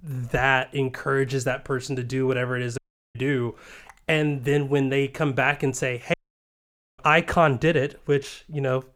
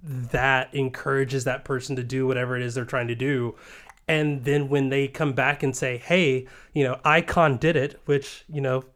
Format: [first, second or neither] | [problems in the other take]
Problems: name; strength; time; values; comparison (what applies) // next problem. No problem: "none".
second | audio cutting out; at 3 s and at 6 s for 1 s